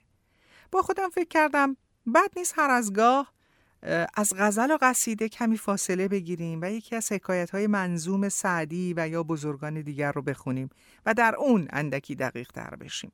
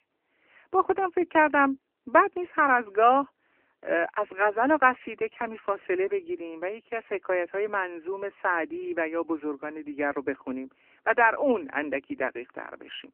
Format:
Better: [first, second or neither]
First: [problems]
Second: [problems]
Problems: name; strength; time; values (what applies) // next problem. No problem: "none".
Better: first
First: none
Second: phone-call audio; nothing above 3 kHz